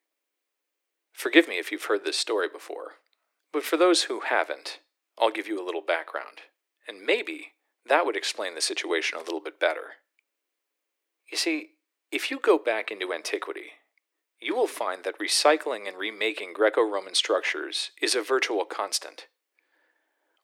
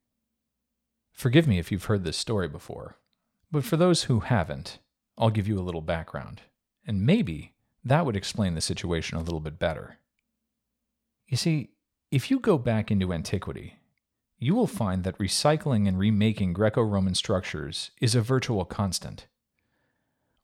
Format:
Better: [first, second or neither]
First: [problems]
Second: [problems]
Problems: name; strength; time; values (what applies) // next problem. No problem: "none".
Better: second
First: thin; very; fading below 300 Hz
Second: none